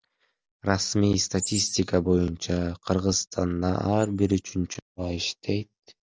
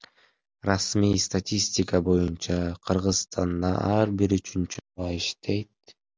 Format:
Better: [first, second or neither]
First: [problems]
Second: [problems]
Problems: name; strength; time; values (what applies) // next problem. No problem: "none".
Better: second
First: noise reduction (neural mask model DeepFilterNet 3)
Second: none